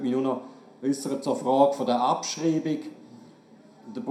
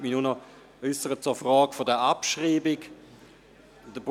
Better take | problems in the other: second | room echo; dies away in 0.4 s

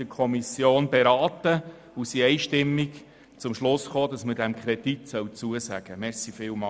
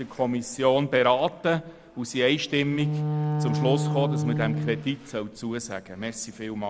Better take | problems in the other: first | background sound (Wind instrument, woodwind instrument); 4 dB below the speech

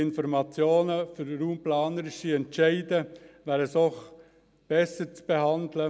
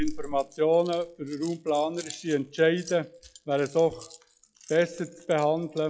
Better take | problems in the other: first | noise reduction (classical method log-MMSE)

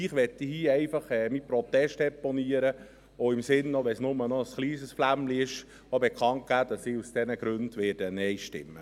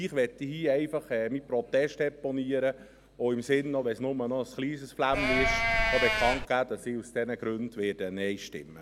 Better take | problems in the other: first | background sound (Livestock, farm animals, working animals); 3 dB above the speech

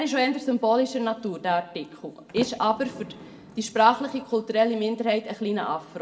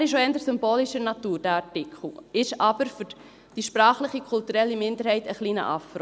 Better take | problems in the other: second | background sound (Sliding door); 17 dB below the speech // room echo; dies away in 0.6 s

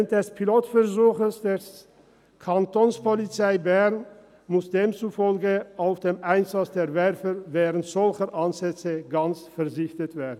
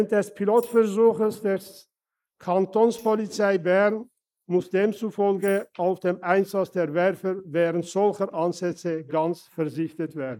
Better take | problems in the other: first | noise reduction (neural mask model Resemble Enhance denoiser)

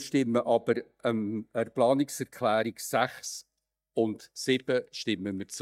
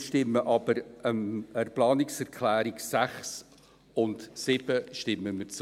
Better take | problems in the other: second | noise reduction (neural mask model DeepFilterNet 3)

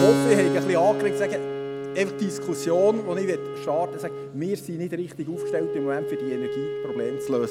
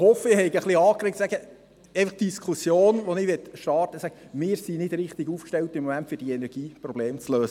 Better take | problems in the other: second | background sound (Keyboard (musical) + Wind instrument, woodwind instrument); 2 dB below the speech

